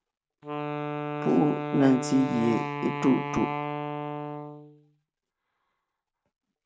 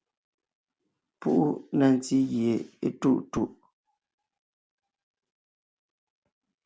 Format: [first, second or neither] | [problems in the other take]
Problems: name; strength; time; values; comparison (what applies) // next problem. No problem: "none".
second | background sound (Wind instrument, woodwind instrument); 5 dB below the speech